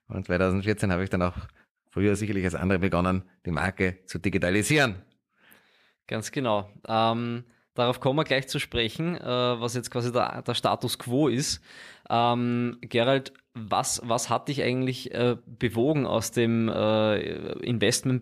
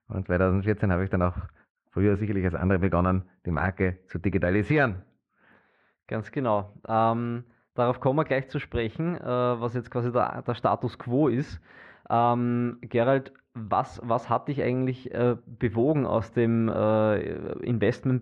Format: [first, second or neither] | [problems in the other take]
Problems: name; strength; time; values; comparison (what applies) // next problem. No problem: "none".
first | muffled; very; fading above 1.5 kHz